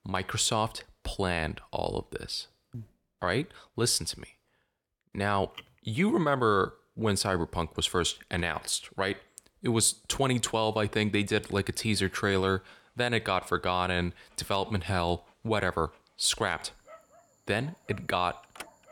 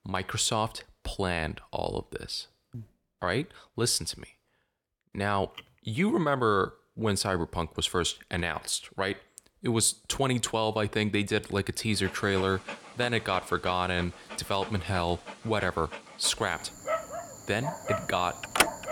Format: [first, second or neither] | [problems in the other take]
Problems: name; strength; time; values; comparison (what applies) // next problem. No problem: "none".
first | animal sounds; loud; from 12 s on; 7 dB below the speech; faint in the first